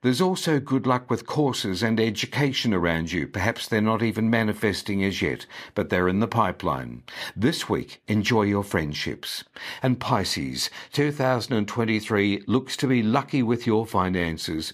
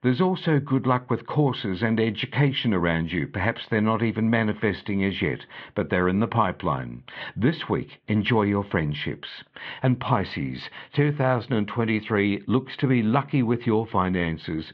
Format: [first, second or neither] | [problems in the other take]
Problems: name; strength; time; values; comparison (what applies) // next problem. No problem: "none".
first | muffled; very; fading above 3.5 kHz